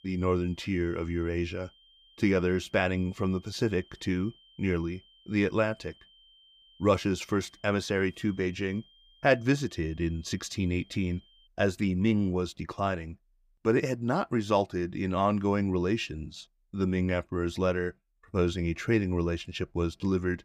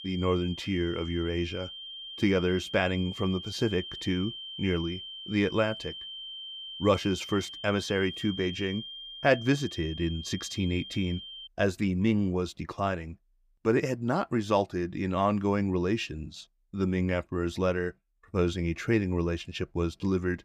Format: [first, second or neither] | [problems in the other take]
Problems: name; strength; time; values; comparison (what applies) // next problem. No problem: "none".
first | high-pitched whine; loud; until 11 s; 3 kHz, 10 dB below the speech; faint in the first